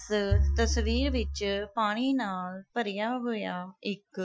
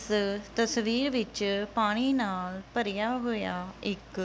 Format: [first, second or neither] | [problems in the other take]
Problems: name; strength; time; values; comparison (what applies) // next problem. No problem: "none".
second | noise reduction (classical method Wiener filter)